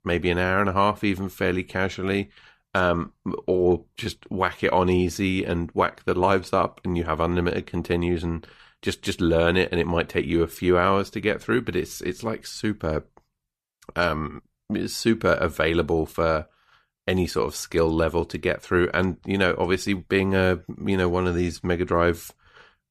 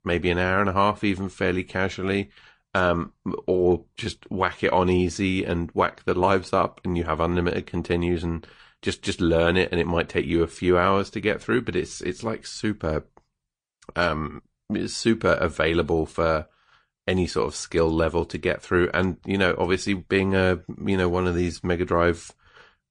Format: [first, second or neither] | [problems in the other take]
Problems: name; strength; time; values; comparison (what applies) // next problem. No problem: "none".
first | garbled, watery; slightly; nothing above 9.5 kHz